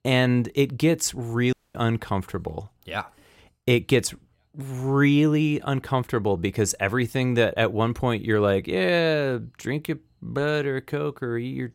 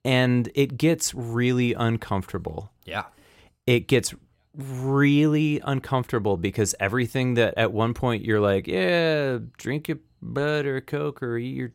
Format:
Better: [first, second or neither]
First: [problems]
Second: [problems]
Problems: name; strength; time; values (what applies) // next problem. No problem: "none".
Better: second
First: audio cutting out; at 1.5 s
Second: none